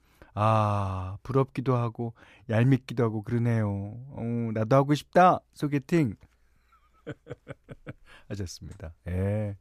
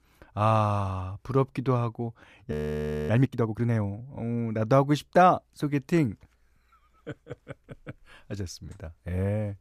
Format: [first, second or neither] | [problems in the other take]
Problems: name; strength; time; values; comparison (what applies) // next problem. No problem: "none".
first | audio freezing; at 2.5 s for 0.5 s